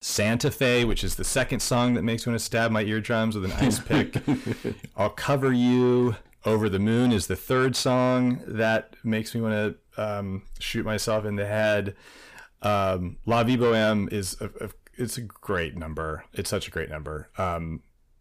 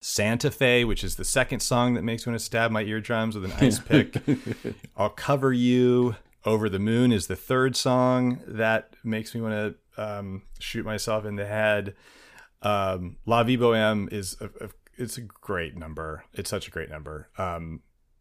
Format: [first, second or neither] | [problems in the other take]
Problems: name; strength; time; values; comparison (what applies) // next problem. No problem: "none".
second | distortion; slight; 10 dB below the speech